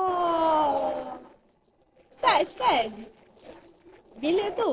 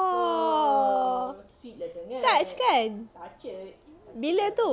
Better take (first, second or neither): second